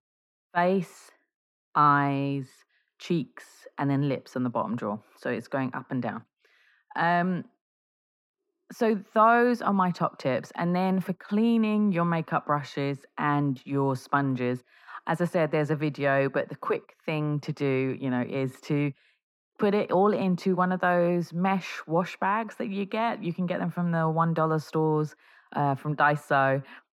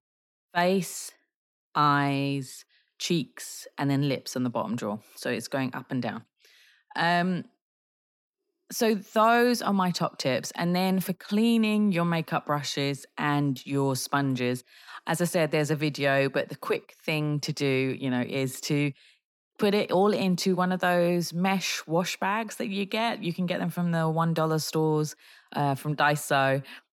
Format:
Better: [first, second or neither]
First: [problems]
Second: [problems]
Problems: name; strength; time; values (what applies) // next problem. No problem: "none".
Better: second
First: muffled; very; fading above 3 kHz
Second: none